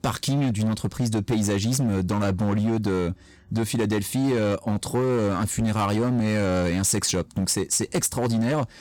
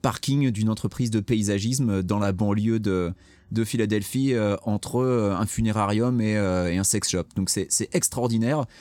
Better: second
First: distortion; slight; 17% of the sound clipped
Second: none

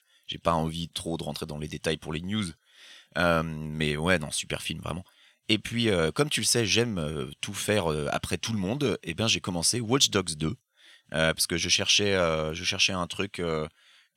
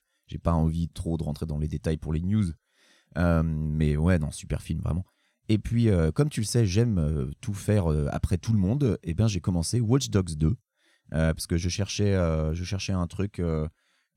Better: second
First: thin; somewhat; fading below 800 Hz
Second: none

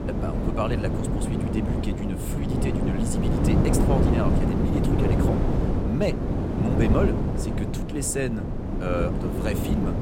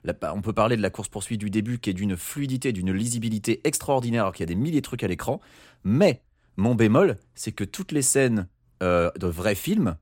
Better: second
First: wind noise on the microphone; heavy; 1 dB above the speech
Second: none

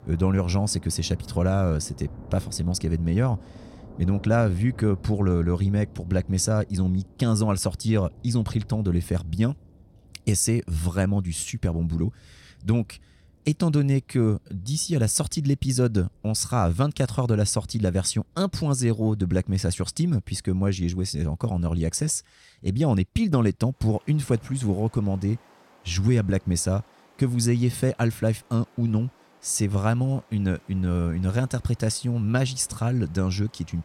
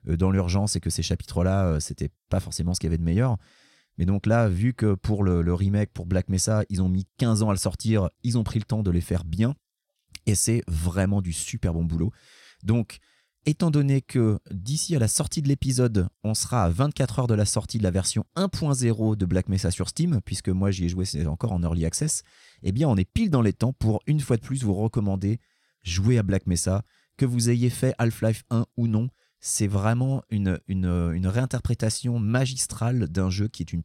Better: second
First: rain or running water; faint; throughout; 25 dB below the speech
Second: none

